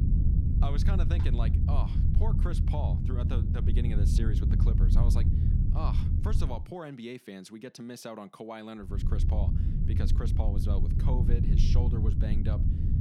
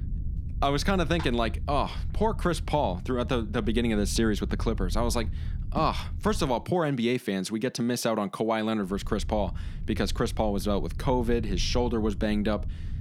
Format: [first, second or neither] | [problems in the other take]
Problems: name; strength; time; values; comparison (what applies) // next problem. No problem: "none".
second | low rumble; loud; until 6.5 s and from 9 s on; 1 dB below the speech; faint in the second